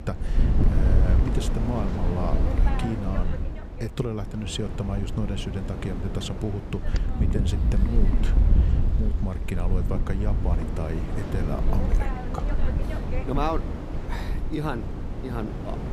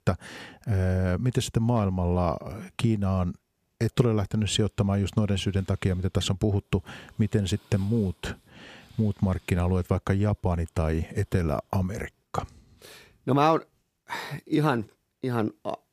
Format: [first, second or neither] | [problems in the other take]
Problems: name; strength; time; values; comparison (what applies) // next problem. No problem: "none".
second | wind noise on the microphone; heavy; 2 dB below the speech